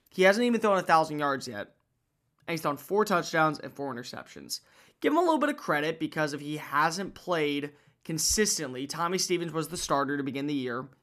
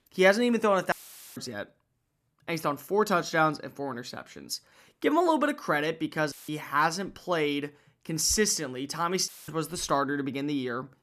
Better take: first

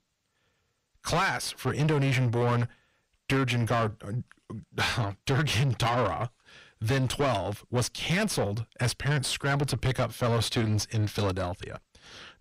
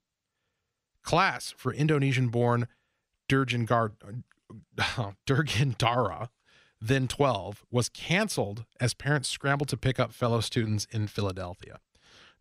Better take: second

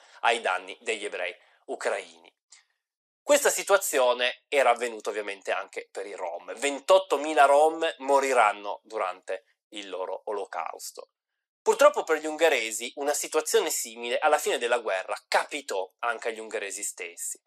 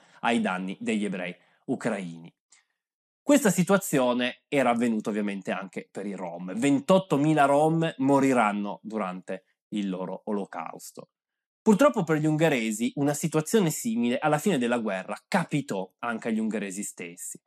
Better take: second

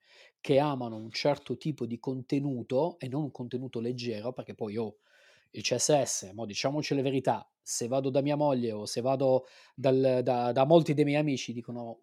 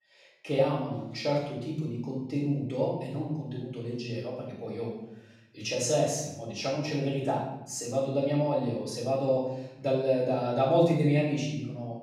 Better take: first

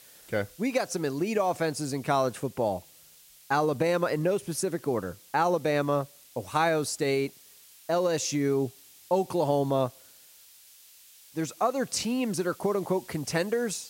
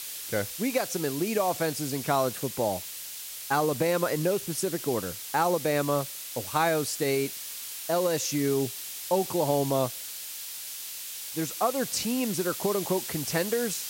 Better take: first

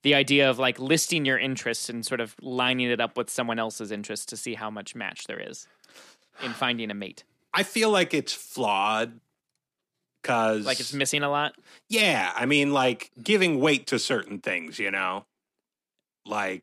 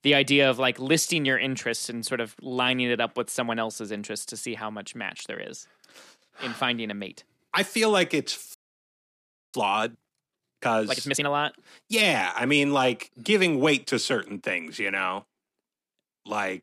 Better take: first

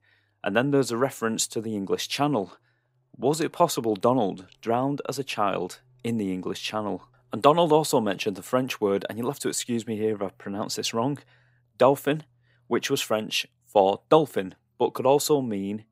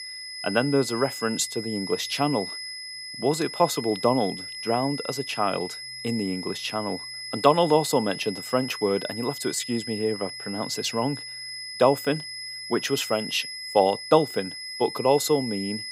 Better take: first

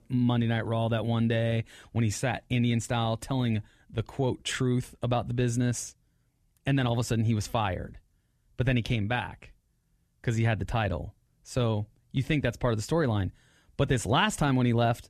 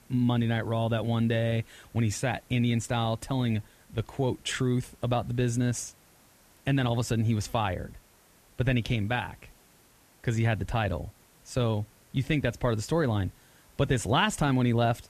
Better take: first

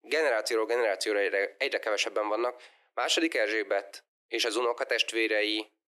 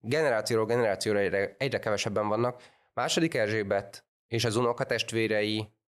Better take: second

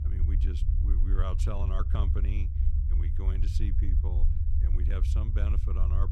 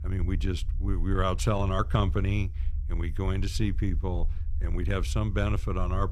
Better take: second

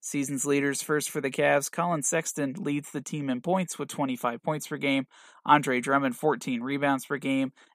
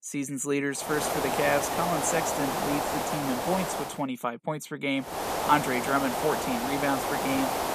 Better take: first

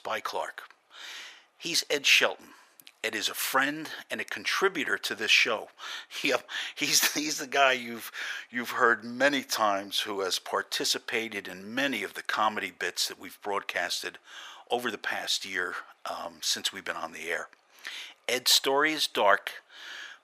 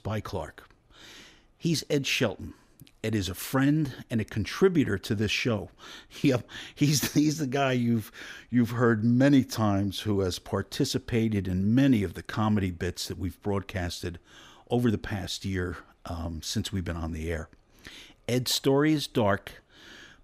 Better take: second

